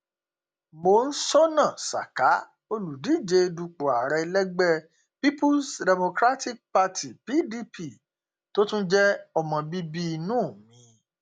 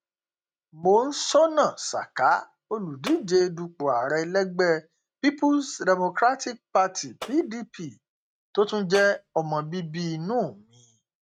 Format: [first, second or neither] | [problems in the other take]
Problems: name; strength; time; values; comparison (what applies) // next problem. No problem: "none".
first | noise reduction (neural mask model RNNoise)